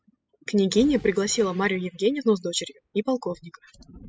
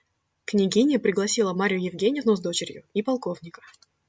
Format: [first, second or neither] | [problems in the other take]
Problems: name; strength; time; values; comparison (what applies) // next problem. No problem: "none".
second | noise reduction (classical method spectral subtraction)